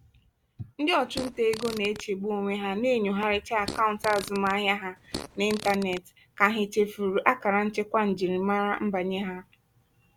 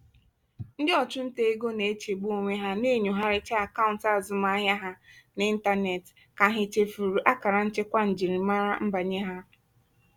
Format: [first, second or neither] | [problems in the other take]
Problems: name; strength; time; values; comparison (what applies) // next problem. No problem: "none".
second | background sound (Fart); 12 dB below the speech